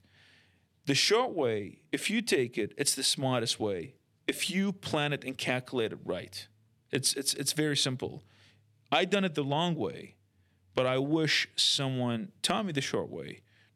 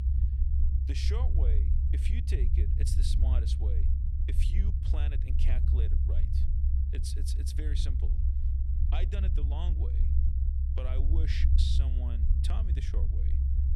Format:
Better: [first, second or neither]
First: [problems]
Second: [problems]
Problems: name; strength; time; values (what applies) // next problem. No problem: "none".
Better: first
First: none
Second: low rumble; loud; throughout; 2 dB below the speech